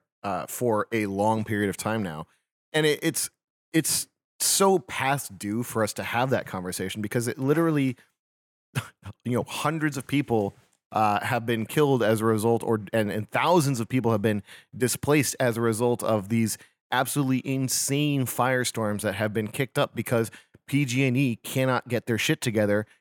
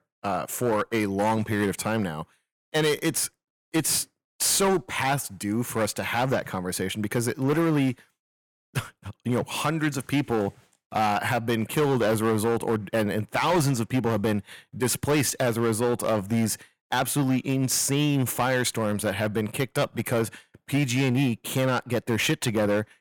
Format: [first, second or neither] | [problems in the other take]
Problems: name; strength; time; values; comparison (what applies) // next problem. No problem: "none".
first | distortion; slight; 10% of the sound clipped